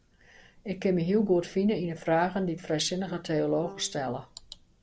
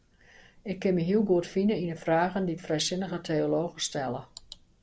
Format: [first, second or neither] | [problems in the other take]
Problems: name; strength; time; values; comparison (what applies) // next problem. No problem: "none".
second | background sound (Brass instrument); 18 dB below the speech